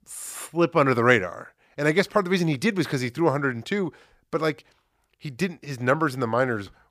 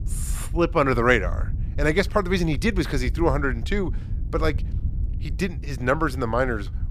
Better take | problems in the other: first | wind noise on the microphone; occasional gusts; 25 dB below the speech

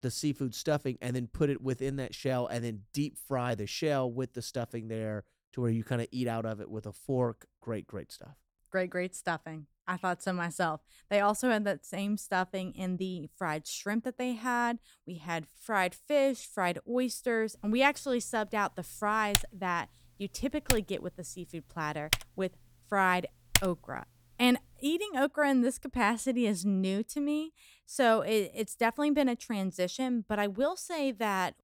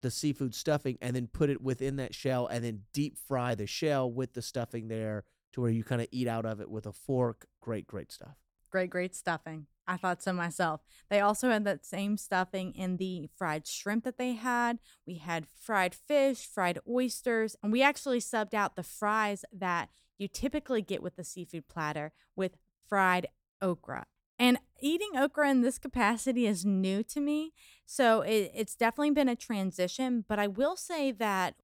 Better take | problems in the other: second | keyboard typing; loud; from 19 to 24 s; peak 3 dB above the speech

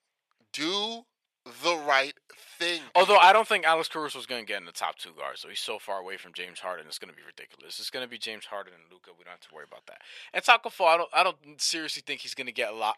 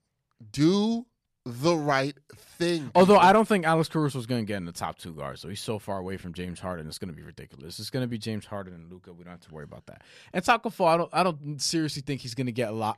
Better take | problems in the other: second | thin; very; fading below 650 Hz

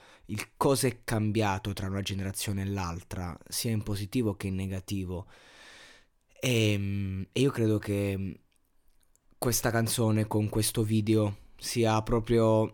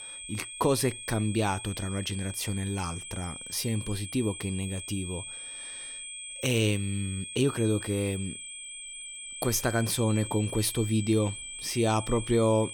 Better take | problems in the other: first | high-pitched whine; loud; throughout; 8 kHz, 9 dB below the speech

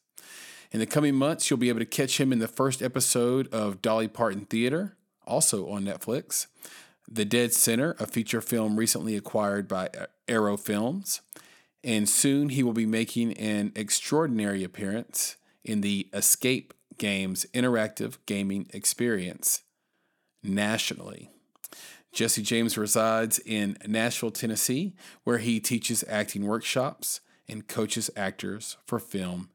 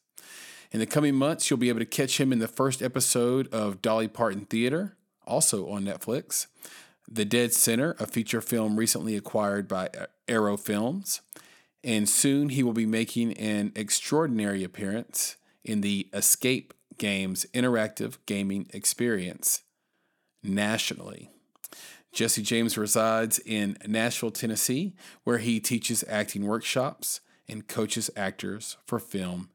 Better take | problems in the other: neither | none

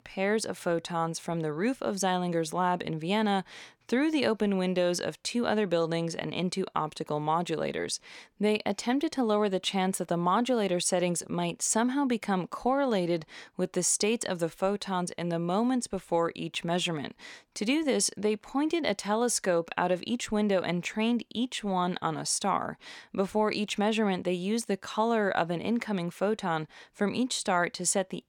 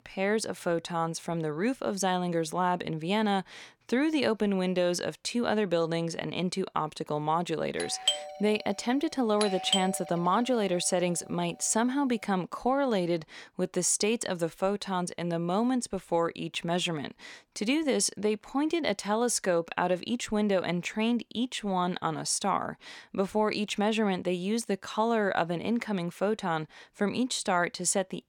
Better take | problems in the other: first | doorbell; loud; from 8 to 10 s; peak 1 dB above the speech

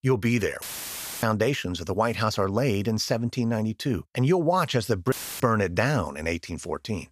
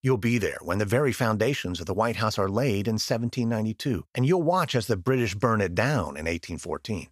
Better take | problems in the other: second | audio cutting out; filled with static; at 0.5 s for 0.5 s and at 5 s

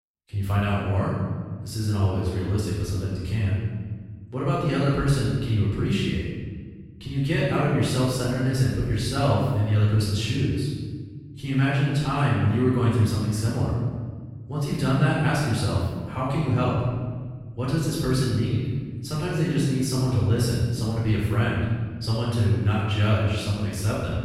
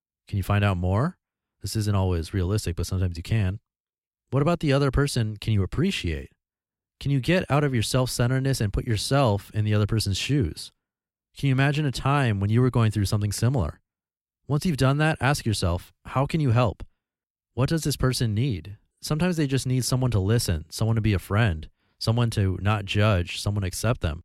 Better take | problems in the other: second | off-mic speech; far // room echo; strong; dies away in 1.4 s

